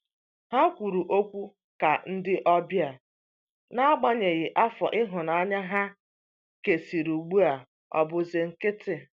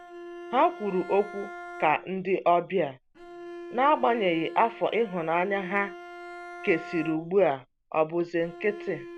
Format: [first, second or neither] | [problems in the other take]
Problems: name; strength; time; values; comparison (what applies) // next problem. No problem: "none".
first | background sound (Bowed string instrument); 15 dB below the speech